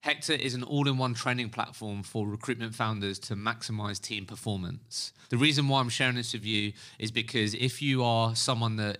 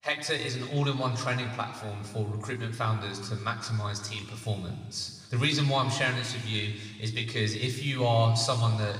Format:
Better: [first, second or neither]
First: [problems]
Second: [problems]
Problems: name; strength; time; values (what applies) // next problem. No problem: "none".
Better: first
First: none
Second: room echo; slight; dies away in 1.8 s